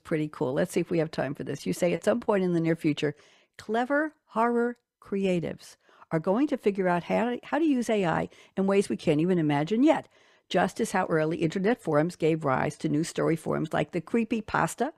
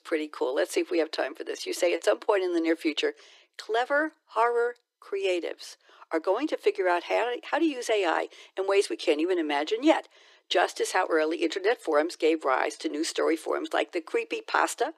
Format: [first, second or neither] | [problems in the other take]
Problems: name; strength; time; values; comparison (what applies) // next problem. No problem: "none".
first | thin; very; fading below 300 Hz